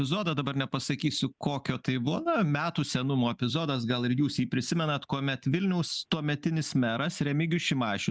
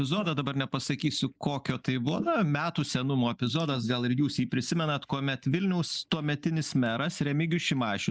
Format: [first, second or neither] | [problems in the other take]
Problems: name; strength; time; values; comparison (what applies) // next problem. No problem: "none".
first | noise reduction (neural mask model Resemble Enhance denoiser)